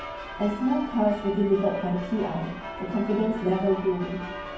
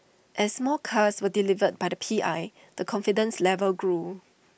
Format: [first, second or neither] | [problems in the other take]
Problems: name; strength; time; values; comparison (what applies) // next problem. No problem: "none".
second | background sound (Church bell); 11 dB below the speech // room echo; dies away in 0.9 s